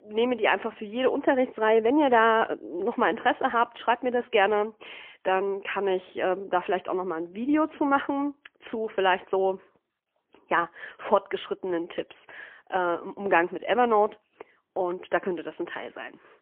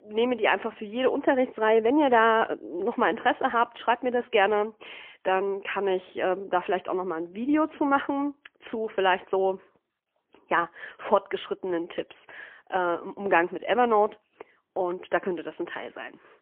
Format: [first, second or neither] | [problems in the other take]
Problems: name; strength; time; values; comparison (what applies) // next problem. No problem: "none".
neither | phone-call audio; poor line; nothing above 3 kHz; the same in both